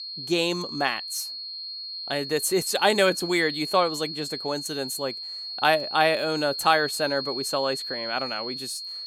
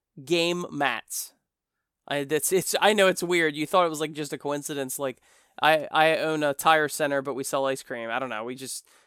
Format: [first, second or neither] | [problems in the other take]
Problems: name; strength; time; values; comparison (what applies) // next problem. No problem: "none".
second | high-pitched whine; loud; throughout; 4.5 kHz, 6 dB below the speech